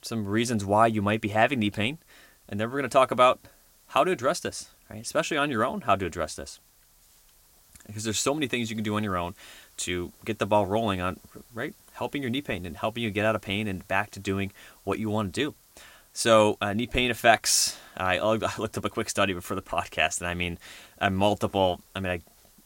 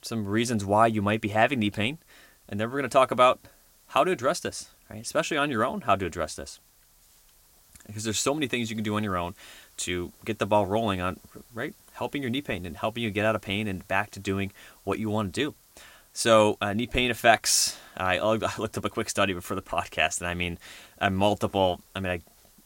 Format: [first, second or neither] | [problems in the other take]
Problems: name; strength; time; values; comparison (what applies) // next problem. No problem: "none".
neither | hiss; faint; throughout; 30 dB below the speech; the same in both